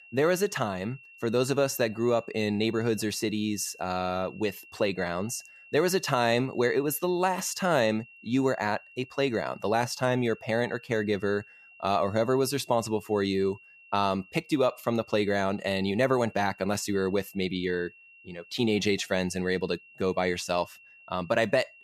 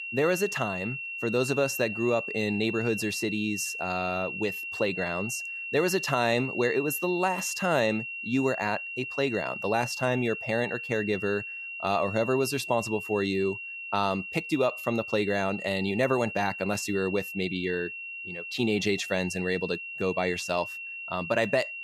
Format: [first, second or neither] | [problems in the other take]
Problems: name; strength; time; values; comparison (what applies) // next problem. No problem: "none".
first | high-pitched whine; loud; throughout; 2.5 kHz, 6 dB below the speech; faint in the first